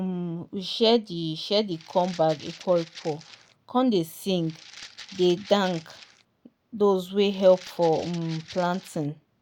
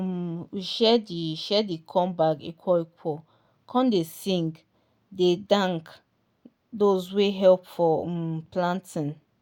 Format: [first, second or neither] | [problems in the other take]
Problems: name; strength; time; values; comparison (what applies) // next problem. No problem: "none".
second | background sound (Rattle (instrument)); 20 dB below the speech